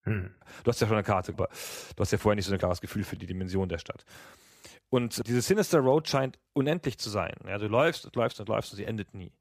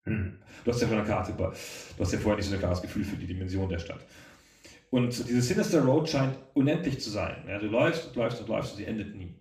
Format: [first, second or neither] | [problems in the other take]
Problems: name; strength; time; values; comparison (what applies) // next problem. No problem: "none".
first | room echo; slight; dies away in 0.5 s // off-mic speech; somewhat distant